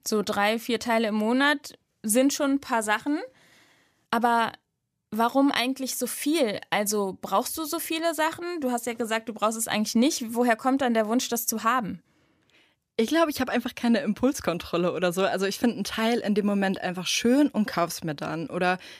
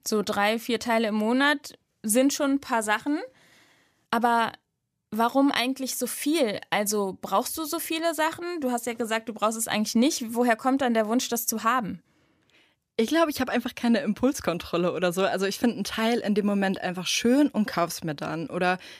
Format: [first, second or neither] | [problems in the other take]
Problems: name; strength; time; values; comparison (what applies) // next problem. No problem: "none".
neither | none